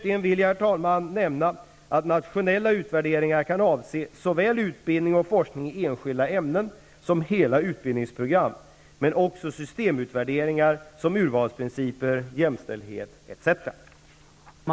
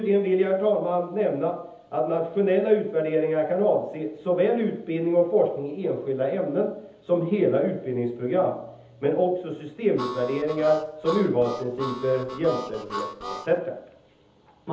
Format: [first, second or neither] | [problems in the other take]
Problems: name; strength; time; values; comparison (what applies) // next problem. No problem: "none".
first | background sound (Harmonica); 11 dB below the speech // room echo; dies away in 0.7 s